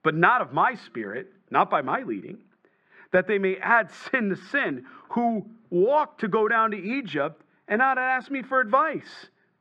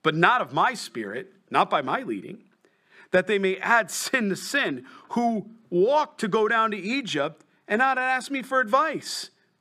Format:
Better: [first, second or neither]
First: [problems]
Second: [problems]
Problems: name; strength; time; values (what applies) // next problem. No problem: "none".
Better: second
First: muffled; very; fading above 2 kHz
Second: none